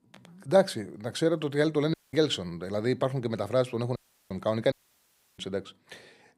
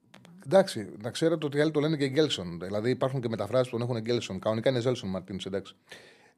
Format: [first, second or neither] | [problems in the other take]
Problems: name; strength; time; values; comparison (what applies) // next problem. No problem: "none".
second | audio cutting out; at 2 s, at 4 s and at 4.5 s for 0.5 s